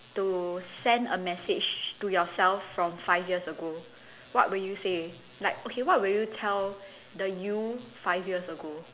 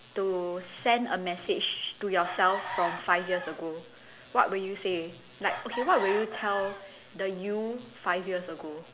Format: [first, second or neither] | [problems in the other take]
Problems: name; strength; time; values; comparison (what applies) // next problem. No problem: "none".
first | background sound (Chicken, rooster); 9 dB below the speech